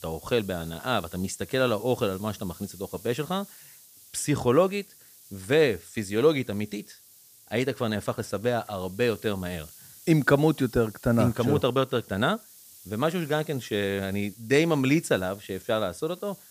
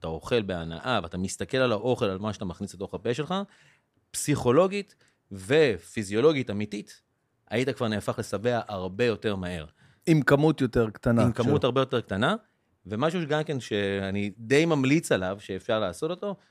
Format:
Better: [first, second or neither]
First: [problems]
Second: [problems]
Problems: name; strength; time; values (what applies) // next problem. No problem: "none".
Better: second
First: hiss; faint; throughout; 20 dB below the speech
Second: none